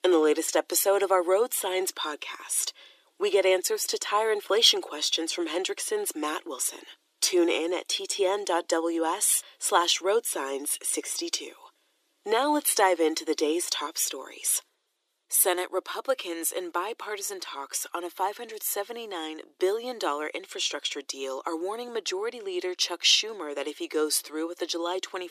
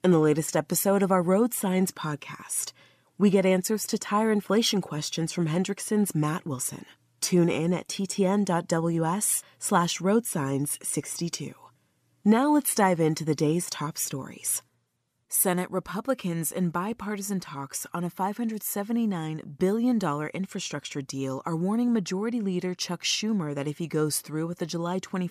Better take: second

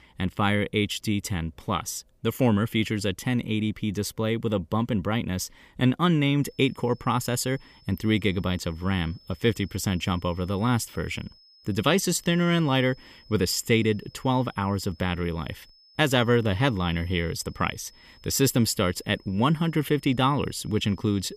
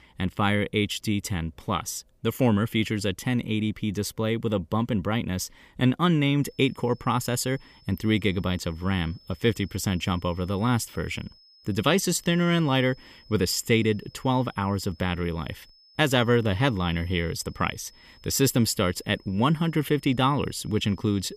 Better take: neither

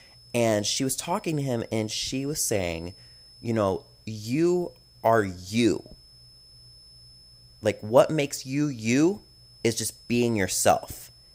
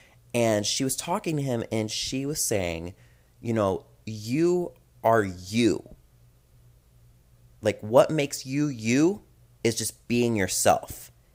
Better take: second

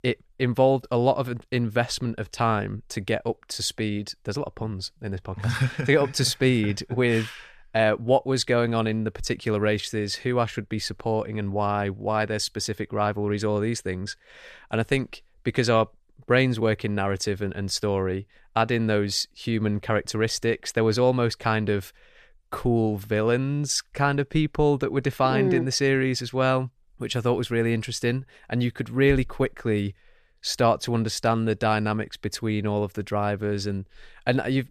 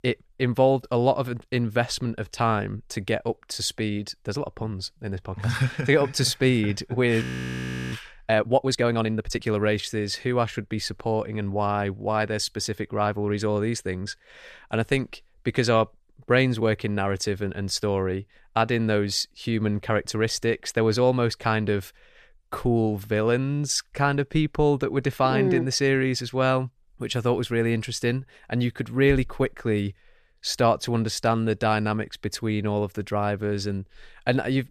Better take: first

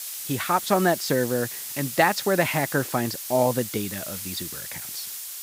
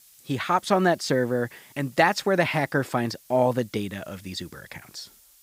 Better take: second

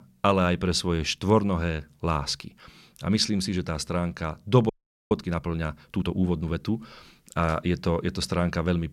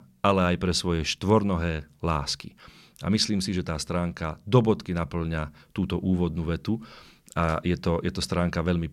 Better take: second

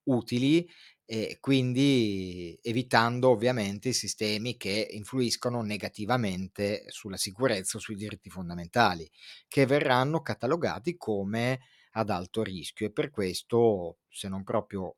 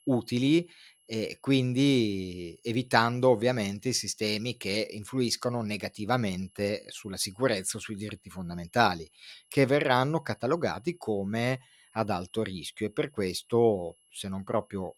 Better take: first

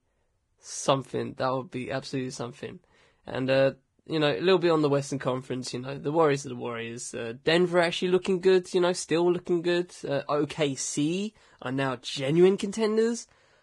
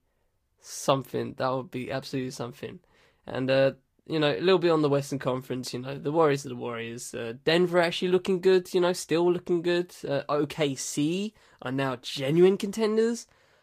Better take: second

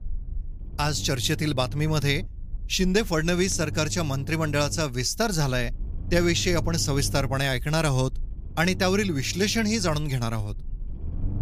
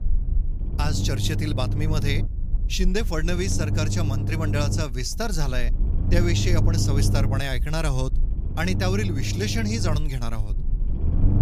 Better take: first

